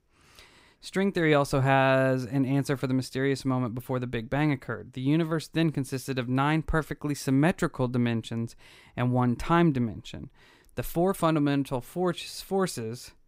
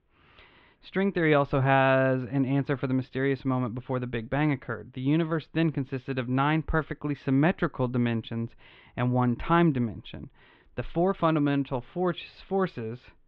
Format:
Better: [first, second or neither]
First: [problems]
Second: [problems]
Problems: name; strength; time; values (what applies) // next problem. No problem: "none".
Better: first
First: none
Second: muffled; very; fading above 3.5 kHz